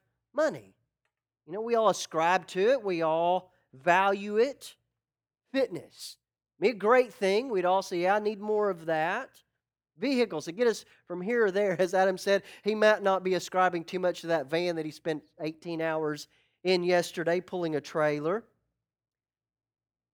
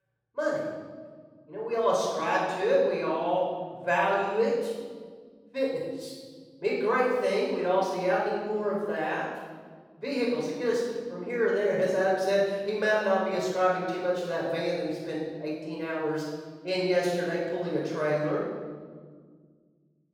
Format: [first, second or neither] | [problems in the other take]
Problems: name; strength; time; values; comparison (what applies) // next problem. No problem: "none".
first | off-mic speech; far // room echo; strong; dies away in 1.5 s